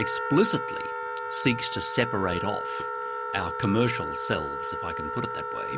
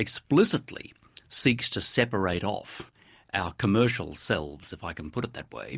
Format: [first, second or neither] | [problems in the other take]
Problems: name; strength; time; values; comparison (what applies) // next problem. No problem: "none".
second | background sound (Wind instrument, woodwind instrument); 3 dB below the speech